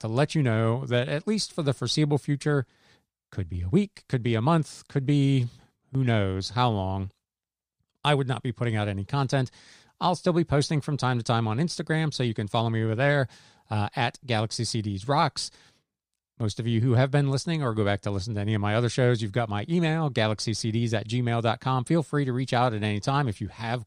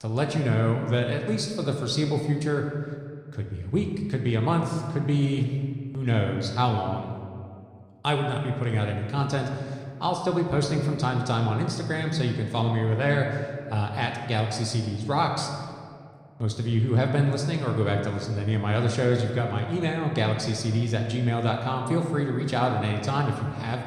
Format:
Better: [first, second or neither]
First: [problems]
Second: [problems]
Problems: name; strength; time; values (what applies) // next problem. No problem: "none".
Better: first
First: none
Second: room echo; slight; dies away in 1.6 s